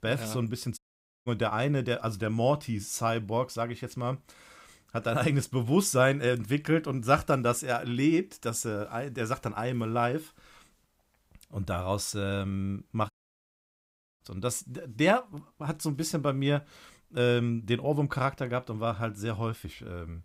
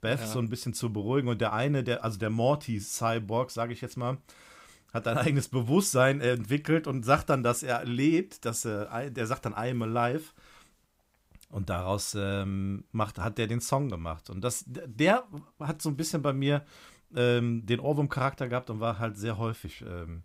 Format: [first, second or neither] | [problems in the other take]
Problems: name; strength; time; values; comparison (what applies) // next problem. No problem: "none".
second | audio cutting out; at 1 s and at 13 s for 1 s